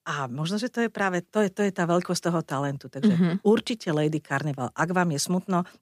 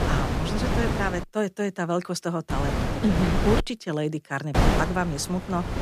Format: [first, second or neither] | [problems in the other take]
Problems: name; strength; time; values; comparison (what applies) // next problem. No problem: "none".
first | wind noise on the microphone; heavy; until 1 s, from 2.5 to 3.5 s and from 4.5 s on; 1 dB below the speech